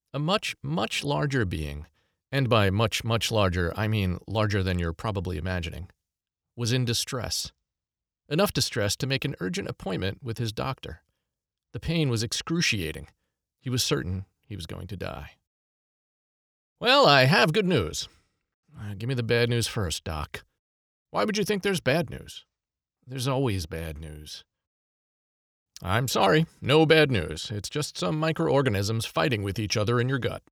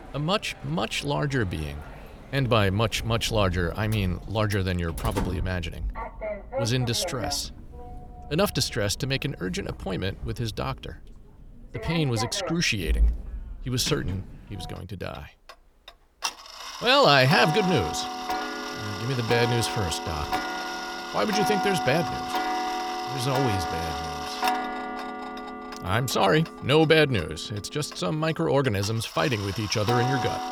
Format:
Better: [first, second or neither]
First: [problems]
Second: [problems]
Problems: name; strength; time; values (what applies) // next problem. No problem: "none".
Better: first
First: none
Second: household noises; loud; throughout; 7 dB below the speech